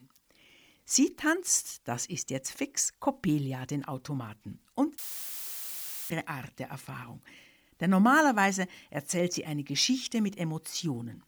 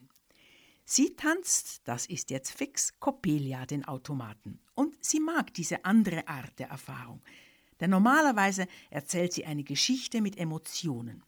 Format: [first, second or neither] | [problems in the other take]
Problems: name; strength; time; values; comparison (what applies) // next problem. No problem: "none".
second | audio cutting out; filled with static; at 5 s for 1 s